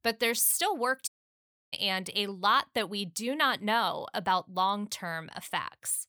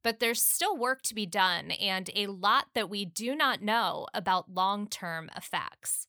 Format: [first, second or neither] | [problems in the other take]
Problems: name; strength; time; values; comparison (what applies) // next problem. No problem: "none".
second | audio cutting out; at 1 s for 0.5 s